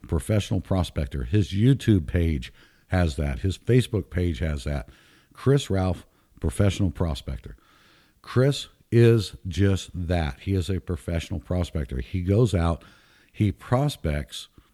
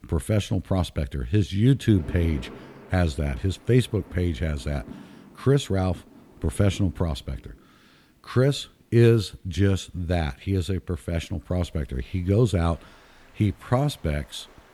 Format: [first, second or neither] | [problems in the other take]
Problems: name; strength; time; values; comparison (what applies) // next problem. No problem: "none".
first | rain or running water; faint; throughout; 20 dB below the speech